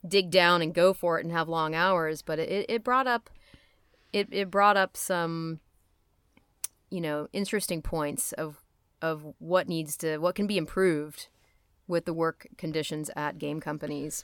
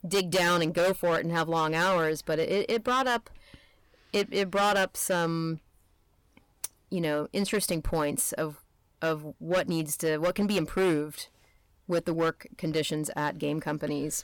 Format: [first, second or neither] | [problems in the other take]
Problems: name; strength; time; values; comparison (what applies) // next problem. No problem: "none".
first | distortion; heavy; 9% of the sound clipped